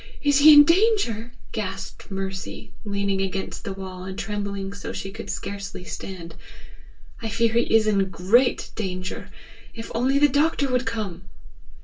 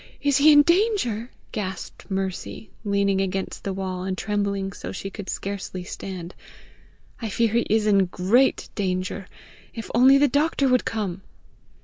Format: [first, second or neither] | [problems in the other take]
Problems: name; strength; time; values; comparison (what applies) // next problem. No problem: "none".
second | room echo; dies away in 0.2 s